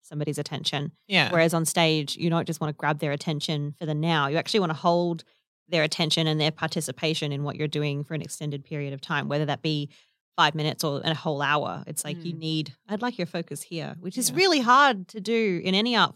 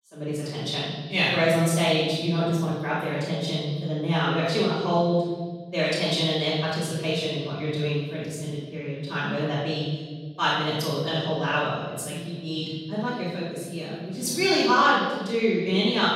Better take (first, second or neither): first